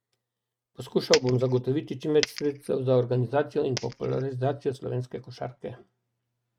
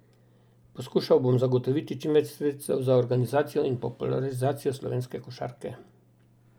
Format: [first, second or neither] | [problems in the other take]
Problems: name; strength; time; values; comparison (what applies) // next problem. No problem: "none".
second | noise reduction (neural mask model RNNoise)